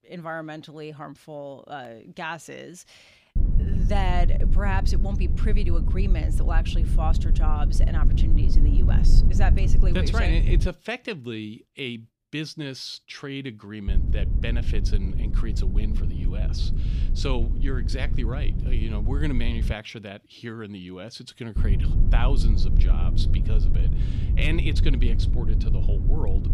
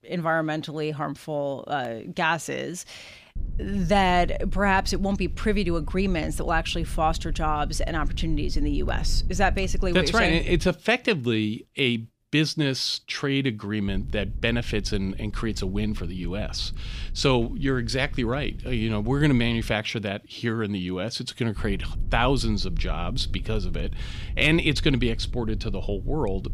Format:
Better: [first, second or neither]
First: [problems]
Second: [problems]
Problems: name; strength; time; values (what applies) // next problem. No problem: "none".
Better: second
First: low rumble; loud; from 3.5 to 11 s, from 14 to 20 s and from 22 s on; 7 dB below the speech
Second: low rumble; faint; from 3.5 to 11 s, from 14 to 20 s and from 22 s on; 25 dB below the speech